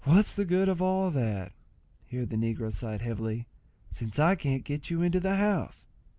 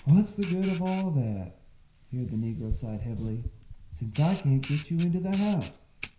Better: first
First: none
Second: background sound (Camera); 14 dB below the speech // room echo; dies away in 0.5 s

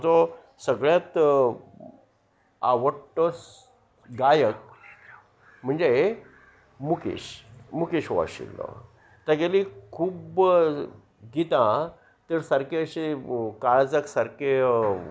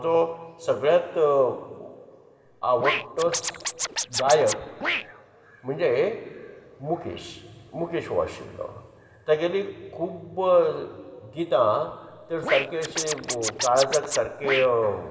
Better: first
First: none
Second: background sound (Scratching (performance technique)); 5 dB below the speech // room echo; dies away in 2.6 s

